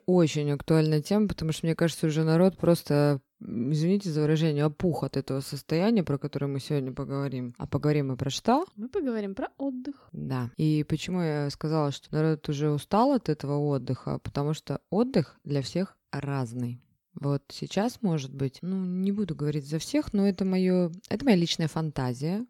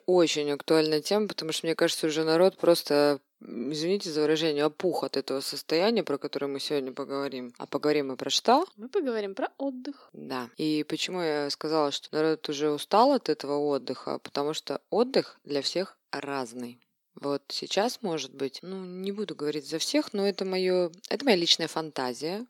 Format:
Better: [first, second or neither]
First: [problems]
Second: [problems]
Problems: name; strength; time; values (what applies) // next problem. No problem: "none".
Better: first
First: none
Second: thin; somewhat; fading below 300 Hz